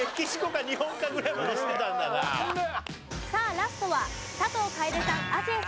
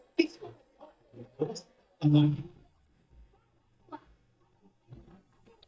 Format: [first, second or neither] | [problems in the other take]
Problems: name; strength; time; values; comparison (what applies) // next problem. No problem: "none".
first | noise reduction (neural mask model DeepFilterNet 3)